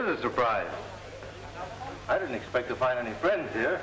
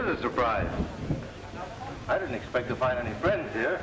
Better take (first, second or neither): first